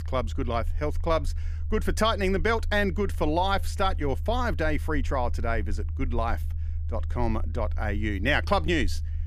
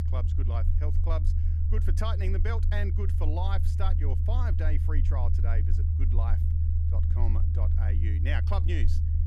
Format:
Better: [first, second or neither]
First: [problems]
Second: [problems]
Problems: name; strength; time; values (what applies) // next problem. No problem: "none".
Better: first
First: low rumble; faint; throughout; 25 dB below the speech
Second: low rumble; loud; throughout; 4 dB below the speech